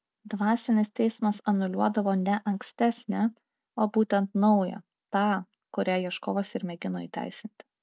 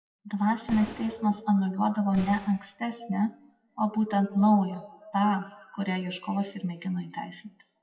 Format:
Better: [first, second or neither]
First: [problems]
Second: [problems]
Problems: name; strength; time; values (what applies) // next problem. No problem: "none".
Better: first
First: none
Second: noise reduction (classical method WPE with log-MMSE)